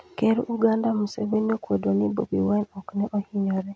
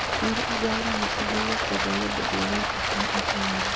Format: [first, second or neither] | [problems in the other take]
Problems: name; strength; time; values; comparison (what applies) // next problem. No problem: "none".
first | background sound (Stream); 5 dB above the speech